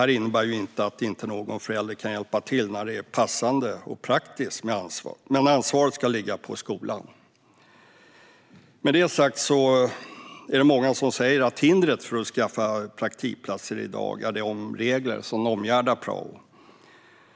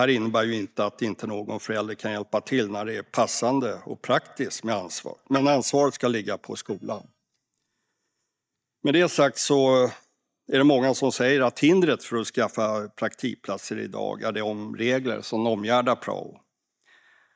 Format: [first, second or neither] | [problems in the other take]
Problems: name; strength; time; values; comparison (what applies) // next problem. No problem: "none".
first | noise reduction (neural mask model DeepFilterNet 3)